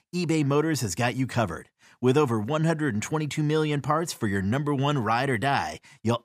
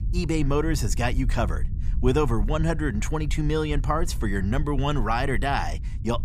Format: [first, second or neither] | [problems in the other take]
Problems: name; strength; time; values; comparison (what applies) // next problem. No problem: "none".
first | low rumble; faint; throughout; 20 dB below the speech